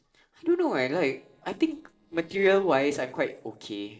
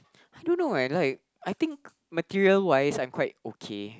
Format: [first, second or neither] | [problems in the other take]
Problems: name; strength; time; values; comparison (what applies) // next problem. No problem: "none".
second | noise reduction (neural separator model SepFormer DNS4)